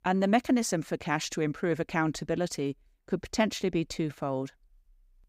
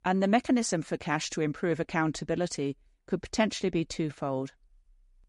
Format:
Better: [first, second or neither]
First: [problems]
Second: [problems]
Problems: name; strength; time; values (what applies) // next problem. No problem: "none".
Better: first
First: none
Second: garbled, watery; slightly; nothing above 9.5 kHz